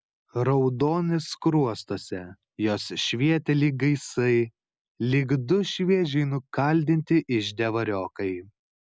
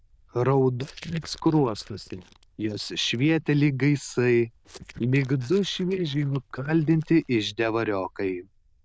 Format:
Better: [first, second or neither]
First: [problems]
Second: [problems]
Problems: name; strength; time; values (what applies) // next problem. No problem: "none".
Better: first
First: none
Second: noise reduction (neural diffusion model UNIVERSE++)